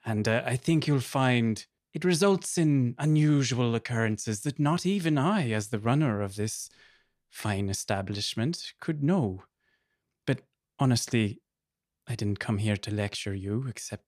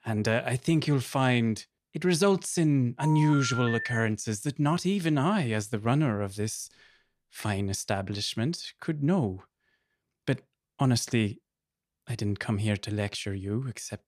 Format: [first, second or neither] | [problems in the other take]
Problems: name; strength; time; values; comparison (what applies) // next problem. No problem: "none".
first | phone ringing; noticeable; from 3 to 4 s; peak 4 dB below the speech